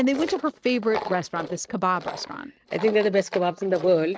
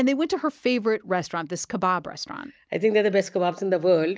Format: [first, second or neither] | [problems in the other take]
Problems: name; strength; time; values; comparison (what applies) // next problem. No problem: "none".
second | noise reduction (neural mask model RNNoise)